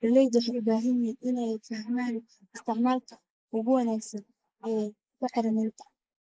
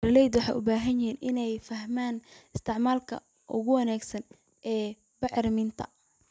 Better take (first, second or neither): second